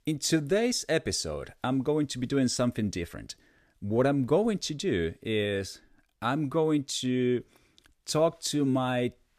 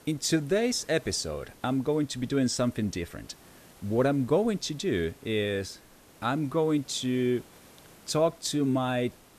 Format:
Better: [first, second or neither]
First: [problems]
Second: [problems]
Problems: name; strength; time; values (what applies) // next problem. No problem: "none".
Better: first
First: none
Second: hiss; faint; throughout; 25 dB below the speech